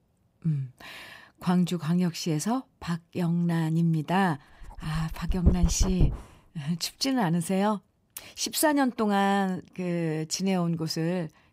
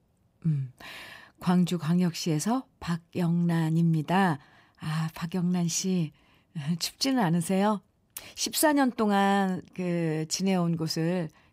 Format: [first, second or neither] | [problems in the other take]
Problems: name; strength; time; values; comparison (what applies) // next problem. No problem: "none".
second | dog barking; loud; from 5 to 6 s; peak 1 dB above the speech